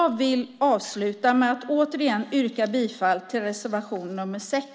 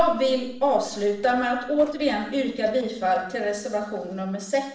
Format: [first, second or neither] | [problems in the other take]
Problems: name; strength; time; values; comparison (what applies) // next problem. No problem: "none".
first | noise reduction (neural separator model SepFormer DNS4)